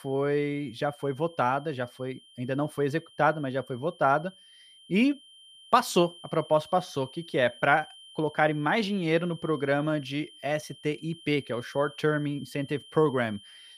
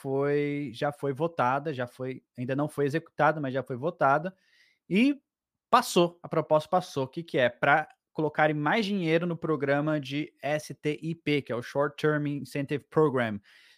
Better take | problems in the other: second | high-pitched whine; faint; throughout; 3 kHz, 20 dB below the speech

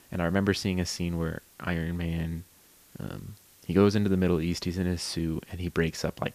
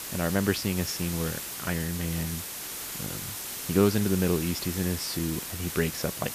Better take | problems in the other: first | hiss; loud; throughout; 5 dB below the speech; faint in the first

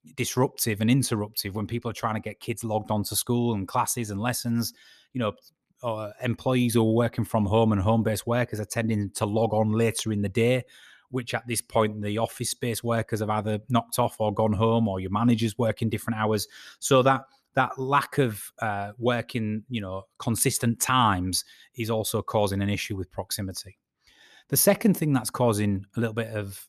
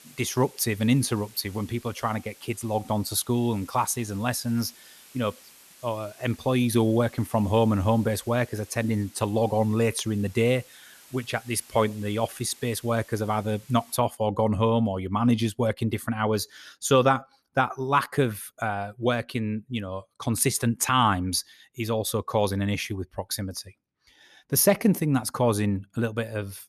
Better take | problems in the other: first | hiss; faint; until 14 s; 25 dB below the speech

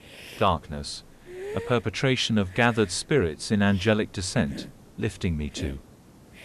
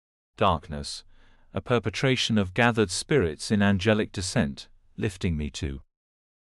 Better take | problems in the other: second | hiss; noticeable; throughout; 20 dB below the speech

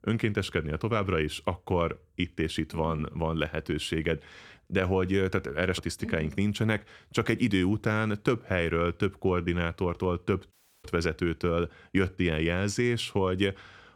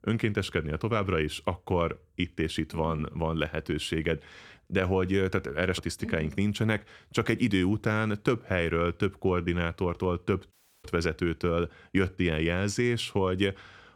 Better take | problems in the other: neither | audio cutting out; at 11 s; the same in both

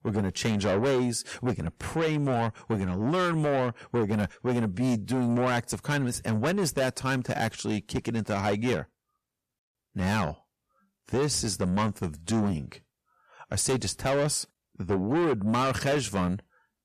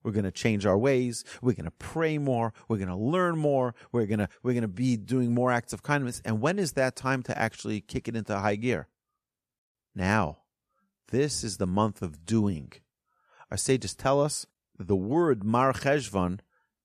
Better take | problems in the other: second | distortion; heavy; 7 dB below the speech

